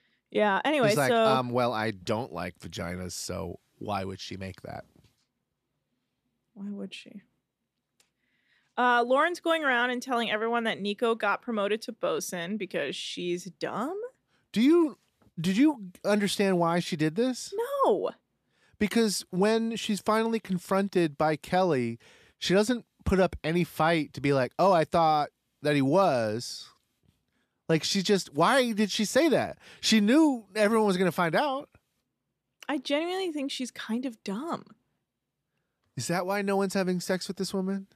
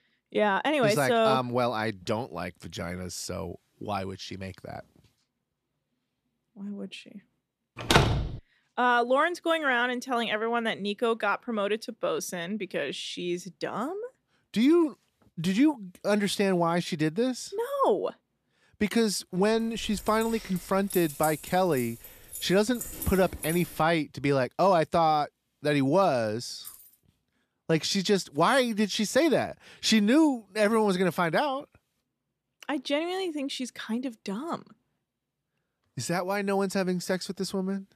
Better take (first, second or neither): first